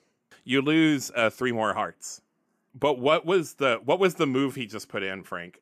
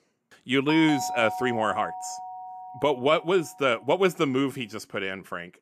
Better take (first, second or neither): first